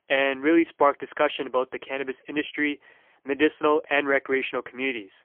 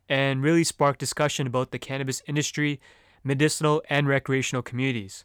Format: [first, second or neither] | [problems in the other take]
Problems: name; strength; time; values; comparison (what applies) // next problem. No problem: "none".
second | phone-call audio; poor line; nothing above 3 kHz